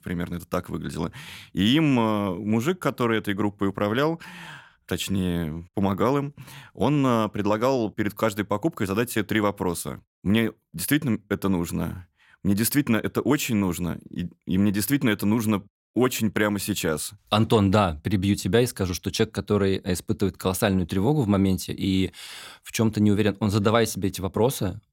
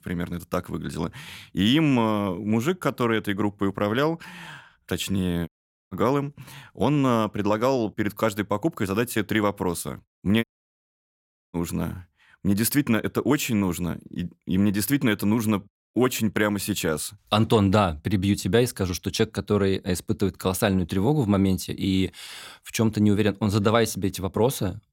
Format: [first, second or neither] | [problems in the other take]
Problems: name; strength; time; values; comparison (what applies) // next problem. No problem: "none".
first | audio cutting out; at 5.5 s and at 10 s for 1 s